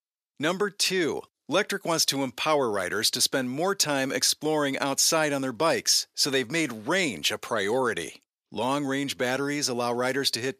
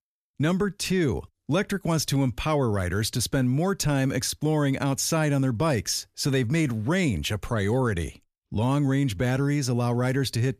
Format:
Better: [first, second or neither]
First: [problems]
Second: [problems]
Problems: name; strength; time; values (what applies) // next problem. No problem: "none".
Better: second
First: thin; somewhat; fading below 400 Hz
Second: none